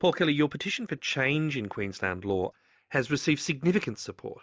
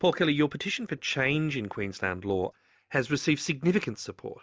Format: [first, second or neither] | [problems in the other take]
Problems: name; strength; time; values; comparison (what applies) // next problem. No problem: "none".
second | noise reduction (neural mask model Resemble Enhance denoiser)